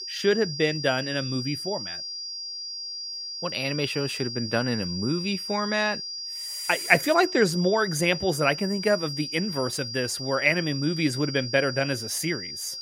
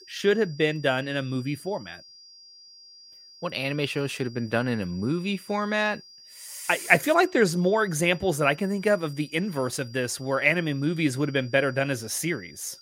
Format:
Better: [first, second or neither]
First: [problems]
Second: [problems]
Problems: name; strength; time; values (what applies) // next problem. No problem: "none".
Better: second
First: high-pitched whine; loud; throughout; 5 kHz, 7 dB below the speech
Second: high-pitched whine; faint; throughout; 5 kHz, 20 dB below the speech